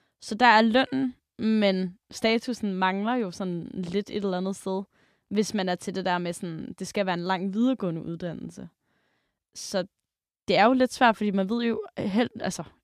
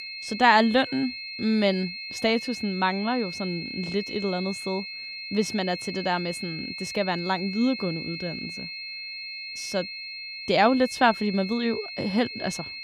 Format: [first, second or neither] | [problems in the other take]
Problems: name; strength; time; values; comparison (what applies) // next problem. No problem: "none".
first | high-pitched whine; loud; throughout; 4 kHz, 8 dB below the speech